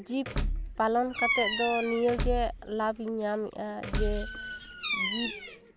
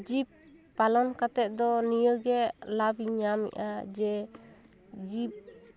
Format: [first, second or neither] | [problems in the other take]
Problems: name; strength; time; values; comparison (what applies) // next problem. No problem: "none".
second | background sound (Bird vocalization, bird call, bird song + Door / Car); 2 dB below the speech